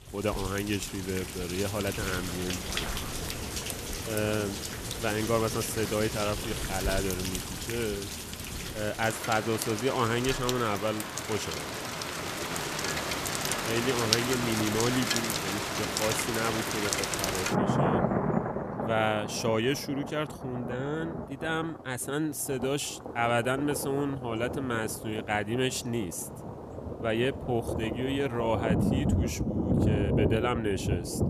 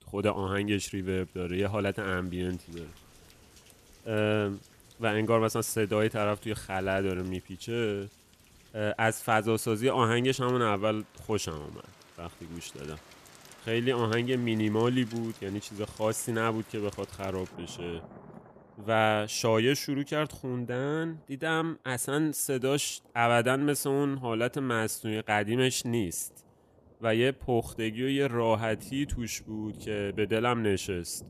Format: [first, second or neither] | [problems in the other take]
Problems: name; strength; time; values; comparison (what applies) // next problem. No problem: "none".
second | rain or running water; loud; throughout; 1 dB below the speech; faint in the second